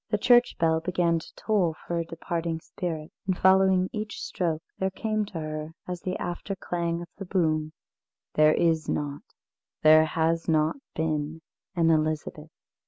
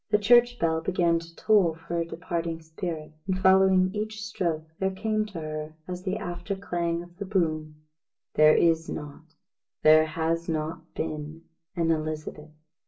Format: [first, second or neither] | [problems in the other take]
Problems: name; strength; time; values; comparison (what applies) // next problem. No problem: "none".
first | room echo; dies away in 0.2 s